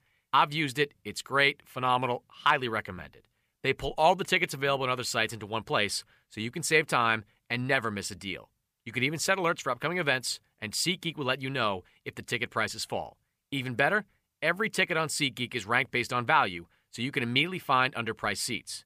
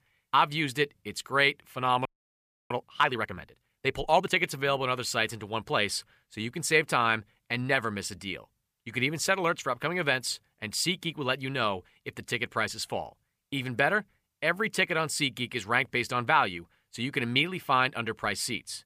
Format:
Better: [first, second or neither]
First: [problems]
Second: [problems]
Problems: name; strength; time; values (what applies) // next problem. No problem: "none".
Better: first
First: none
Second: audio freezing; at 2 s for 0.5 s